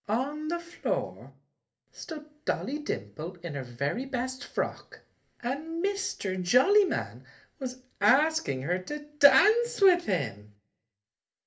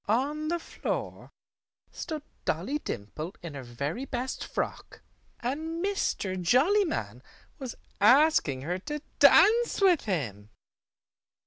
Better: second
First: room echo; dies away in 0.3 s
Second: none

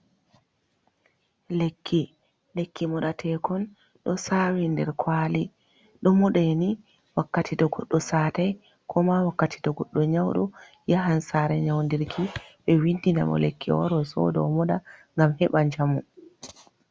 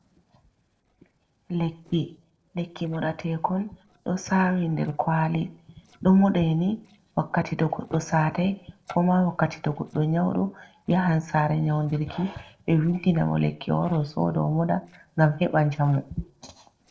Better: first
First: none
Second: noise reduction (neural separator model SepFormer DNS4)

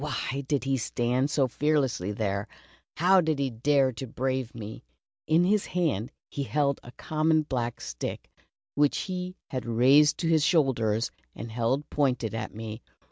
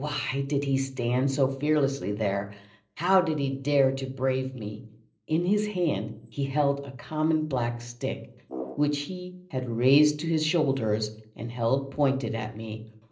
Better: first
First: none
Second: noise reduction (neural separator model SepFormer DNS4)

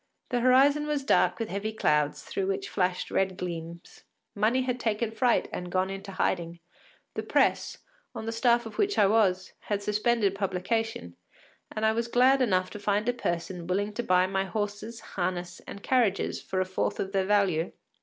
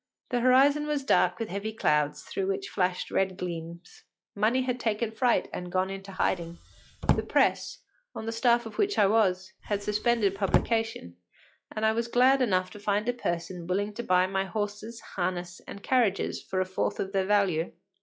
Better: first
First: none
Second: noise reduction (classical method log-MMSE)

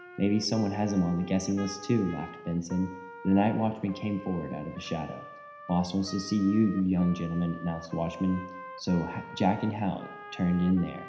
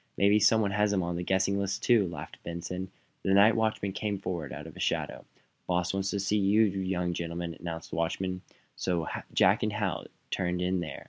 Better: second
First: background sound (Trumpet); 16 dB below the speech // room echo; dies away in 0.9 s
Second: none

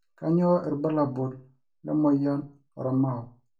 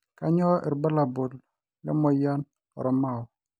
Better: second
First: room echo; dies away in 0.2 s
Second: none

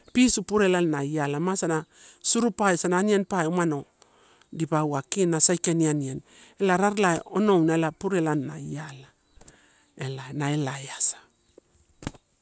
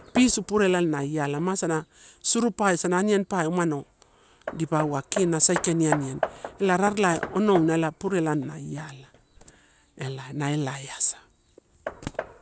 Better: first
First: none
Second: background sound (Hammer); 13 dB below the speech

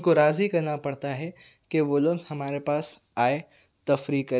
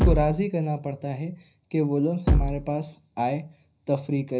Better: first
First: none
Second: background sound (Bass drum); 3 dB above the speech // room echo; dies away in 0.4 s

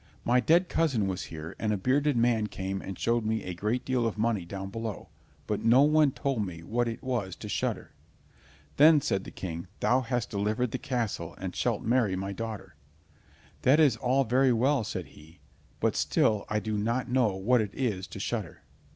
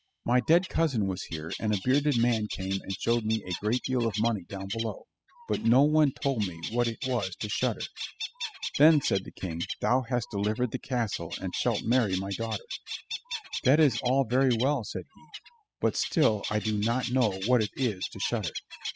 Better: first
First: none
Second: noise reduction (classical method spectral subtraction)

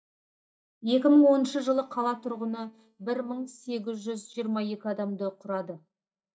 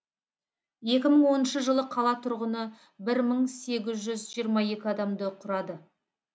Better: second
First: noise reduction (neural mask model DeepFilterNet 3)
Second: none

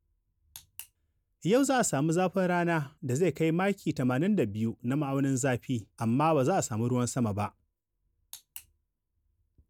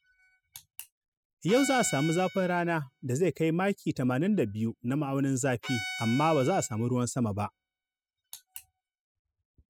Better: first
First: none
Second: noise reduction (classical method spectral subtraction)

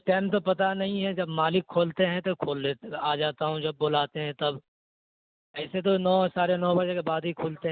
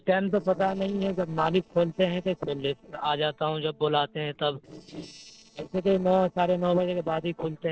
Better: first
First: none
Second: noise reduction (neural separator model SepFormer DNS4)

